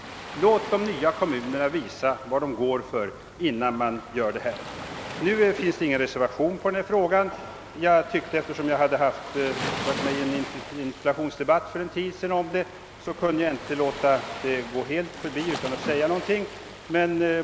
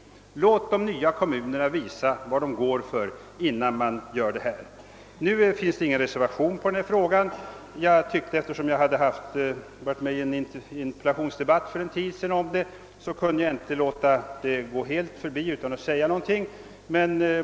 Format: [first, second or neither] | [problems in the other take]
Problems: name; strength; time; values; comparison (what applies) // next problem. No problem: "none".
second | background sound (Waves, surf); 12 dB below the speech